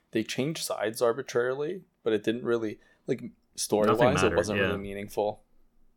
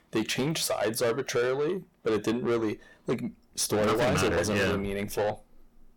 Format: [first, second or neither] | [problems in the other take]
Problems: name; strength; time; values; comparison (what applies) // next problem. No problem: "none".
first | distortion; heavy; 6 dB below the speech